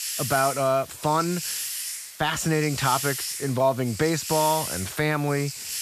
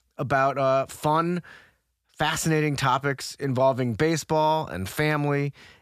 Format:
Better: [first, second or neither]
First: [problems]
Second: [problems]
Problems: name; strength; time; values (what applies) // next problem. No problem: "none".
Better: second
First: hiss; loud; throughout; 6 dB below the speech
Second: none